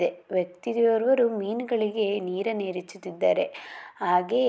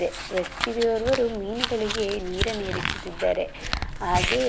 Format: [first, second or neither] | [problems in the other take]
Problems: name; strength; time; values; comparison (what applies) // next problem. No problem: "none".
first | background sound (Crumpling, crinkling); 4 dB below the speech